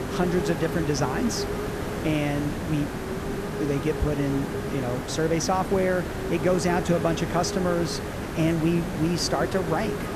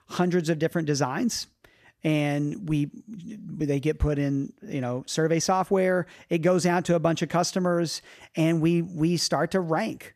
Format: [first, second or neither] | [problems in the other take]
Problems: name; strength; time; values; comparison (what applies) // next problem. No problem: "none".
second | hiss; loud; throughout; 4 dB below the speech